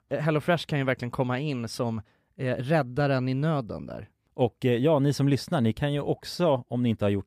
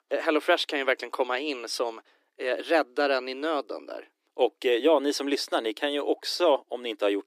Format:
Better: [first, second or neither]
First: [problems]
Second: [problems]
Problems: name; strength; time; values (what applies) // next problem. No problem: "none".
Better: first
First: none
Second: thin; somewhat; fading below 300 Hz